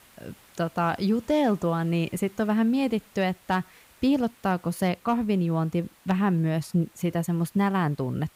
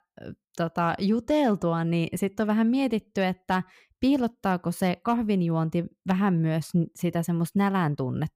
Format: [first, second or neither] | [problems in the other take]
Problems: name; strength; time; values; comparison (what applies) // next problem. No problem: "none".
second | hiss; faint; throughout; 30 dB below the speech